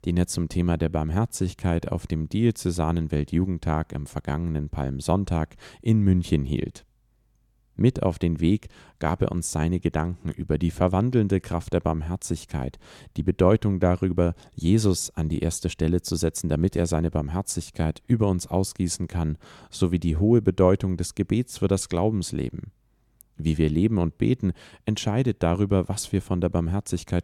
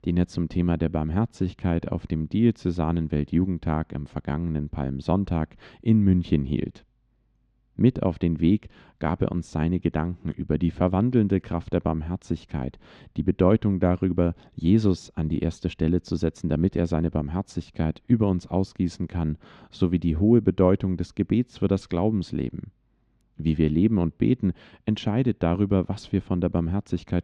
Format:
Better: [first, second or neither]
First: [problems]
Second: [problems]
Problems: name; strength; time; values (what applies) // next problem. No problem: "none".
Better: first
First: none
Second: muffled; slightly; fading above 4 kHz